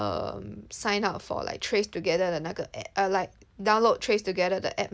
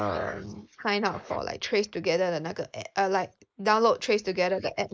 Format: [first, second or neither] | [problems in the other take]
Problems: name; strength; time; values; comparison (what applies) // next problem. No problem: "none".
first | noise reduction (neural mask model Resemble Enhance denoiser)